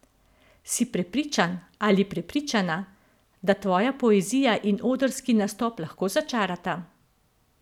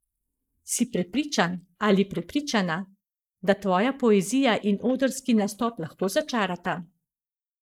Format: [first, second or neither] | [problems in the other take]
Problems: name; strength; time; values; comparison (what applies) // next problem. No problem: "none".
first | noise reduction (neural mask model Resemble Enhance denoiser)